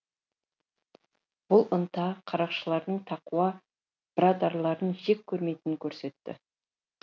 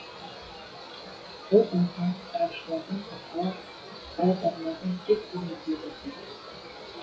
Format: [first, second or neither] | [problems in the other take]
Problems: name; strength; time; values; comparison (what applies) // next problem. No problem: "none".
first | noise reduction (classical method WPE with log-MMSE)